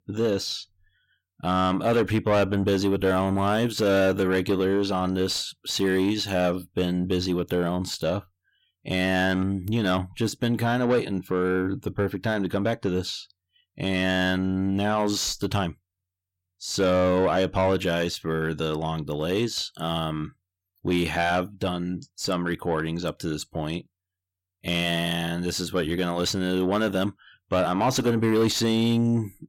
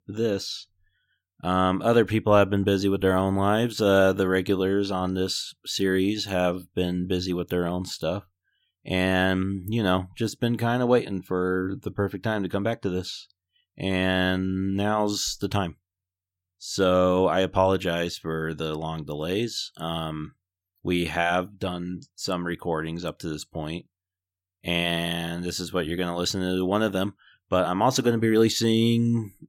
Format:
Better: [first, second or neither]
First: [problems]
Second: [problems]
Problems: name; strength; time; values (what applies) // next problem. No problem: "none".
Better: second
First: distortion; slight; 10 dB below the speech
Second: none